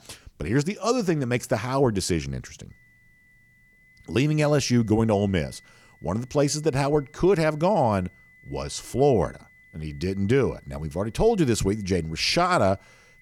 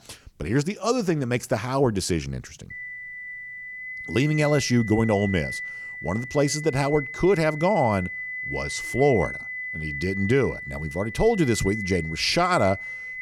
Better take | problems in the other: first | high-pitched whine; loud; from 2.5 s on; 2 kHz, 8 dB below the speech; faint in the first

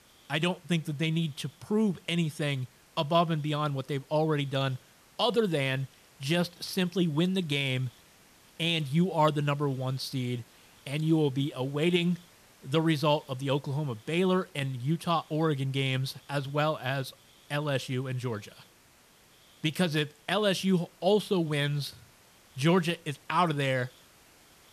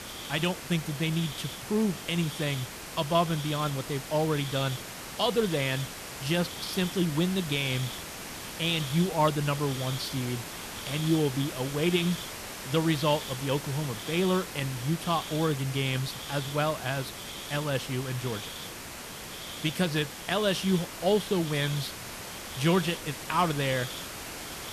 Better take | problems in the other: first | hiss; loud; throughout; 8 dB below the speech; faint in the first

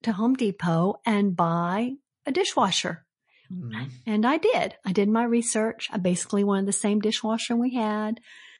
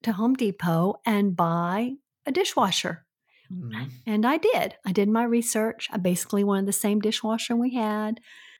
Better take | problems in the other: second | garbled, watery; slightly; nothing above 10.5 kHz

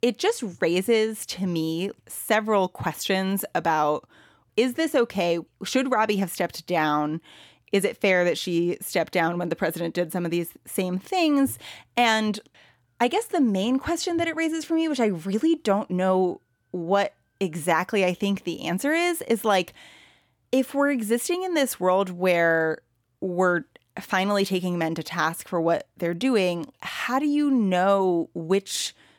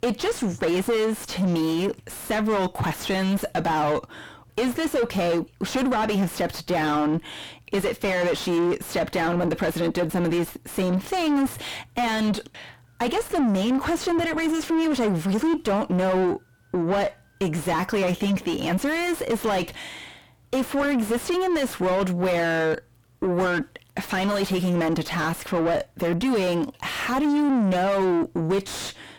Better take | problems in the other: first | distortion; heavy; 5 dB below the speech

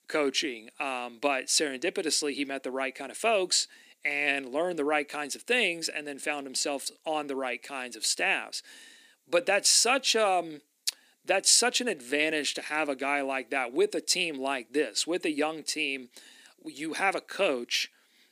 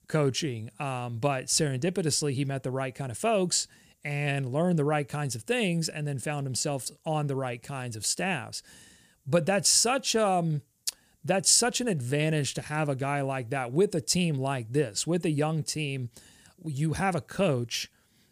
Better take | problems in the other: second | thin; somewhat; fading below 250 Hz

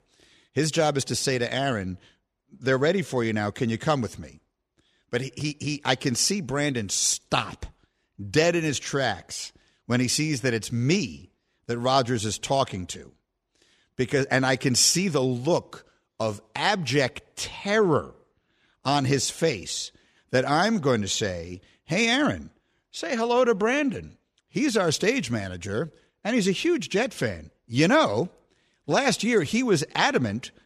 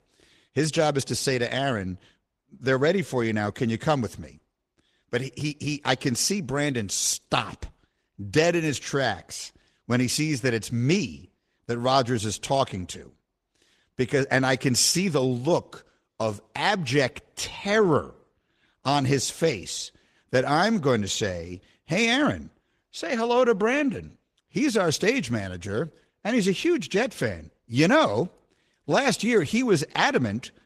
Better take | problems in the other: first | garbled, watery; slightly

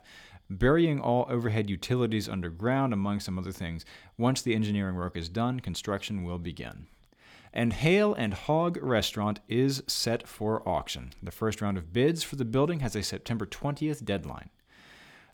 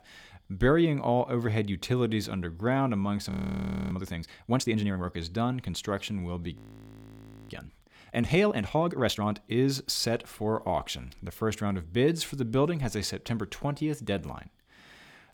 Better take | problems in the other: first | audio freezing; at 3.5 s for 0.5 s and at 6.5 s for 1 s

